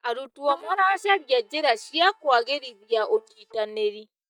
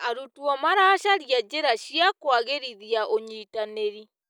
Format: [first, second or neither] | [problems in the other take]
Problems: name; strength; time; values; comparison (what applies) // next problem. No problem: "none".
second | noise reduction (neural mask model DeepFilterNet 3)